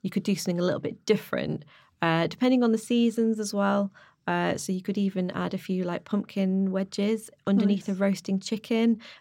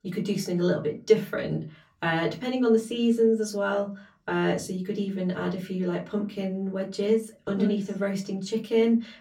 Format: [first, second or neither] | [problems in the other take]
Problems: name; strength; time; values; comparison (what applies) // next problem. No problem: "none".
first | off-mic speech; far // room echo; very slight; dies away in 0.2 s